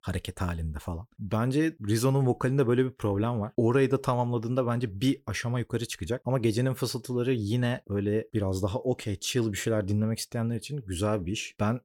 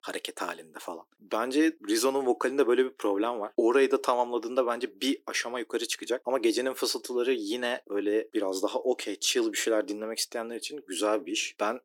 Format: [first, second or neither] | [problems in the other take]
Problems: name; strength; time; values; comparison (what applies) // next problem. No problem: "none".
first | thin; somewhat; fading below 300 Hz